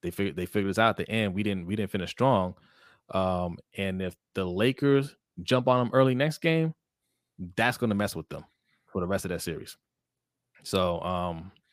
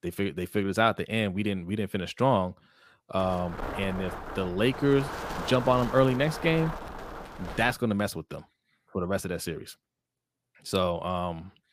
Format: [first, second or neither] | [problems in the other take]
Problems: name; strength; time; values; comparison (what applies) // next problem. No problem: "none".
first | wind noise on the microphone; heavy; from 3 to 7.5 s; 8 dB below the speech